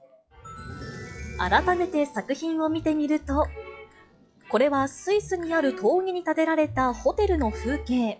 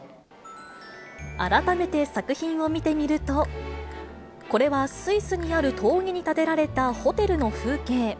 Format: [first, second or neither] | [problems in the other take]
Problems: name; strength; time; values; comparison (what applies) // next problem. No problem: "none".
second | noise reduction (classical method log-MMSE)